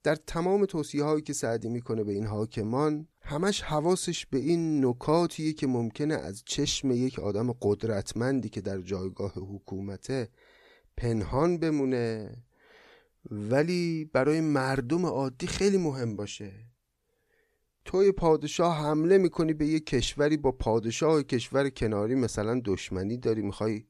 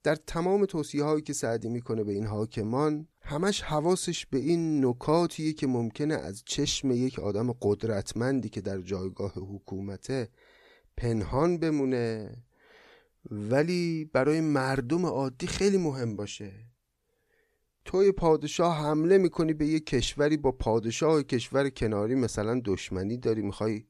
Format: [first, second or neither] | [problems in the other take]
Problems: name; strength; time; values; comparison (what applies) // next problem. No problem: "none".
neither | none